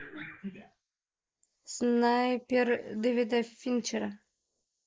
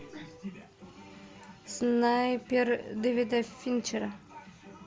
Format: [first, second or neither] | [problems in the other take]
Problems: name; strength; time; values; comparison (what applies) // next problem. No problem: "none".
second | noise reduction (neural mask model Resemble Enhance denoiser)